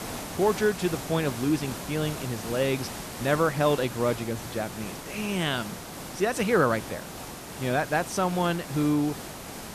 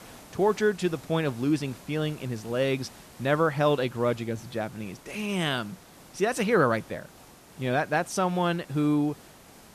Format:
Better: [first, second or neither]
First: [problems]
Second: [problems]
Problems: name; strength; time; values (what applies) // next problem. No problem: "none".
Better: second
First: hiss; loud; throughout; 10 dB below the speech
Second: hiss; faint; throughout; 20 dB below the speech